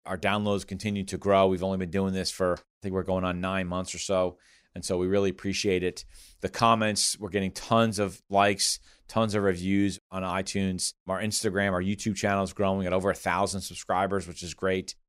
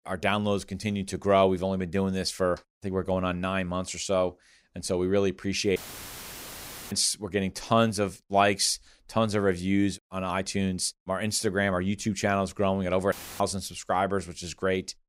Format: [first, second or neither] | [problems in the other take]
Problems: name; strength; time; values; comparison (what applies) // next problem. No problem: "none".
first | audio cutting out; filled with static; at 6 s for 1 s and at 13 s